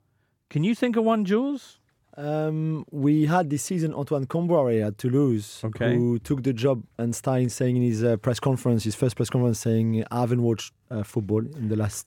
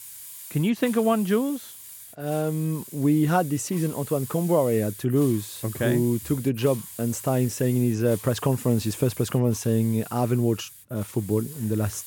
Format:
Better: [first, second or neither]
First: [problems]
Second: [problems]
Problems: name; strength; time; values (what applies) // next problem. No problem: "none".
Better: first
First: none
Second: hiss; noticeable; throughout; 15 dB below the speech